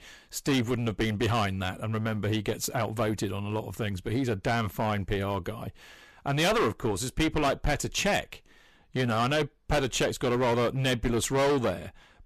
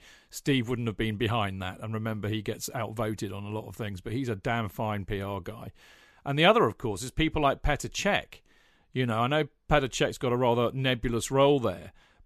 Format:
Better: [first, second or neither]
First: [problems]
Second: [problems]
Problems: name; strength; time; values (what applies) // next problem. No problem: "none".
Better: second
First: distortion; heavy; 14% of the sound clipped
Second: none